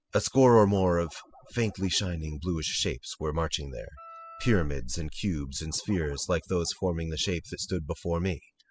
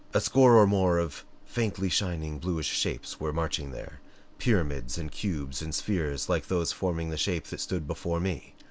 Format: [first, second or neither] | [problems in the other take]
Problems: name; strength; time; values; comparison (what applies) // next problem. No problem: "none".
second | noise reduction (classical method spectral subtraction)